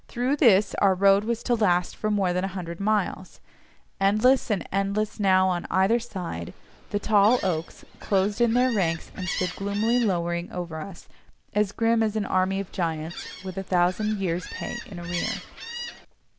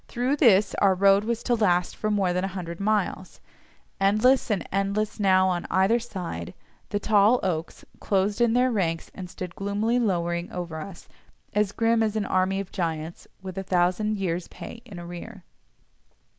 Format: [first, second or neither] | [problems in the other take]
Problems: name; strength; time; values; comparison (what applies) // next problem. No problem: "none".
second | background sound (Gull, seagull); 13 dB below the speech